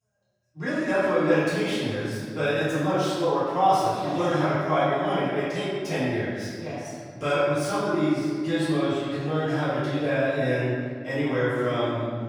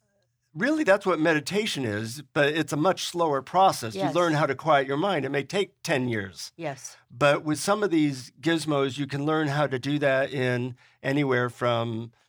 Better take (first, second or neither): second